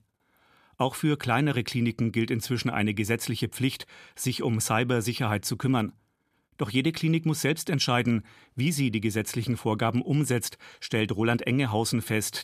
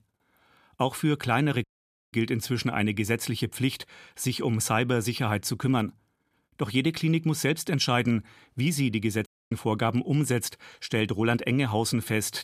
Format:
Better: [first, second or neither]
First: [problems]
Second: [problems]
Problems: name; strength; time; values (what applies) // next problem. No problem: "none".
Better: first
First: none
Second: audio cutting out; at 1.5 s and at 9.5 s